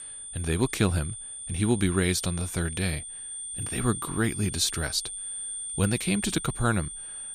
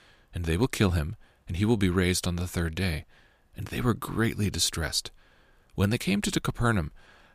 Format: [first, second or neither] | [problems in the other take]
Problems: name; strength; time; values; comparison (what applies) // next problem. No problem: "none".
second | high-pitched whine; loud; throughout; 9 kHz, 7 dB below the speech